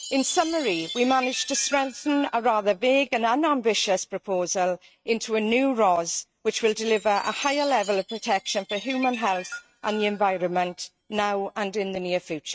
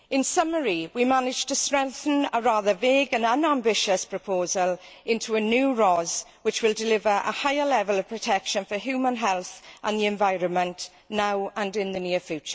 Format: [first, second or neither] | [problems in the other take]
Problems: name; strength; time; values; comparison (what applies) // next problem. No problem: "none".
second | noise reduction (neural mask model RNNoise)